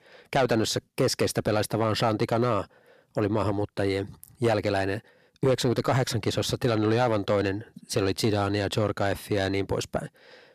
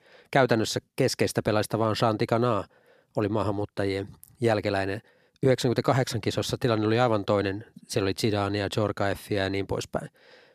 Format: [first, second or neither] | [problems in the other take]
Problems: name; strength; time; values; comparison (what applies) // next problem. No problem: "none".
second | distortion; slight; 10 dB below the speech